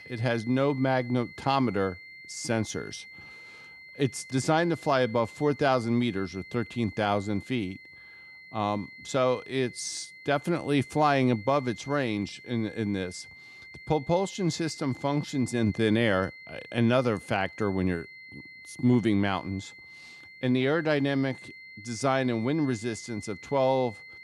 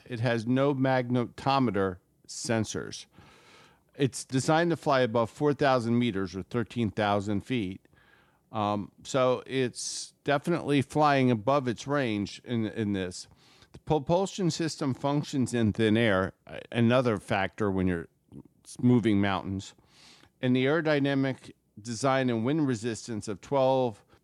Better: second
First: high-pitched whine; noticeable; throughout; 2 kHz, 15 dB below the speech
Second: none

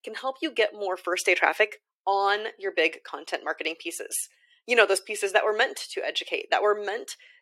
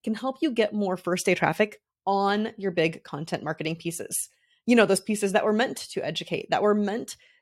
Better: second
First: thin; very; fading below 350 Hz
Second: none

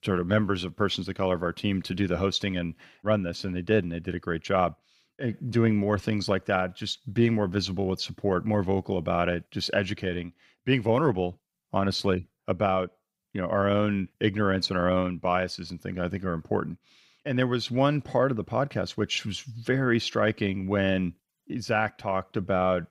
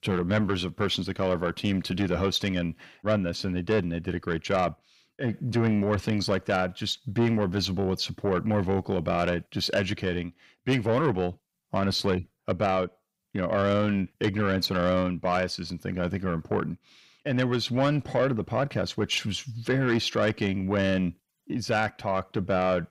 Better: first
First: none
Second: distortion; slight; 10 dB below the speech

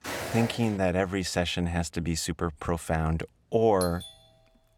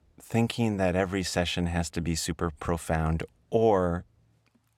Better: second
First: footsteps; noticeable; at the start; peak 5 dB below the speech // doorbell; faint; at 4 s; peak 10 dB below the speech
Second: none

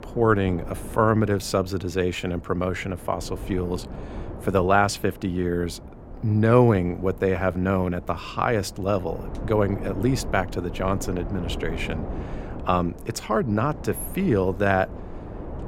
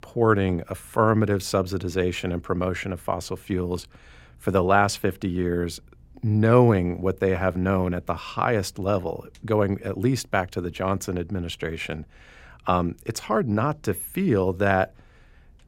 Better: second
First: wind noise on the microphone; occasional gusts; 15 dB below the speech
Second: none

